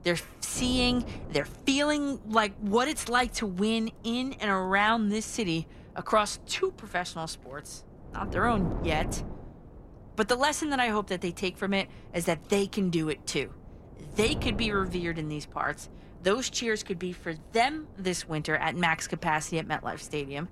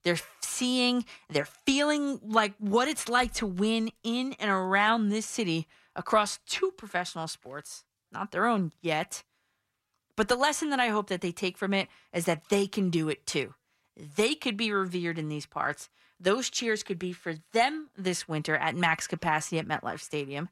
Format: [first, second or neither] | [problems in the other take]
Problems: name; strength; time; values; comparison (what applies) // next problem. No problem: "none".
second | wind noise on the microphone; occasional gusts; 20 dB below the speech